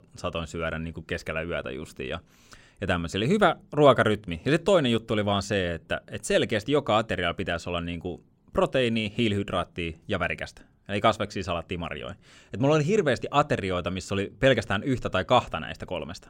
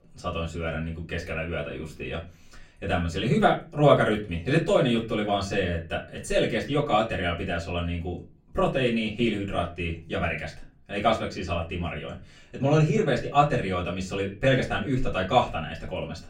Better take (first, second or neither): first